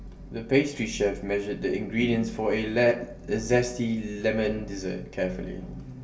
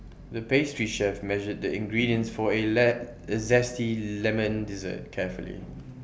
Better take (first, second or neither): second